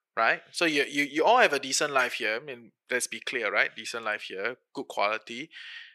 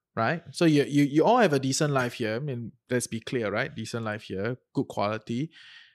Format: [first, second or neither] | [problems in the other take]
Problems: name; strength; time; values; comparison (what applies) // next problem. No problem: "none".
second | thin; somewhat; fading below 550 Hz